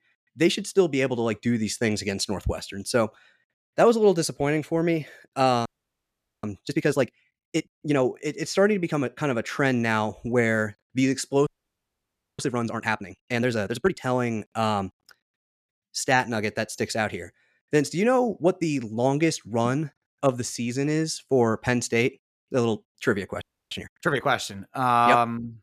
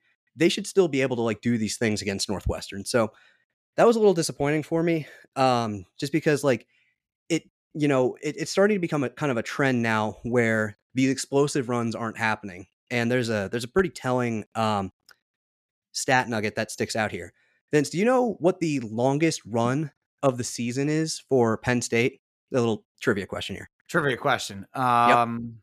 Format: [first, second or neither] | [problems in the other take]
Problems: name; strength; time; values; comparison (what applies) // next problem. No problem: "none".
second | audio freezing; at 5.5 s for 1 s, at 11 s for 1 s and at 23 s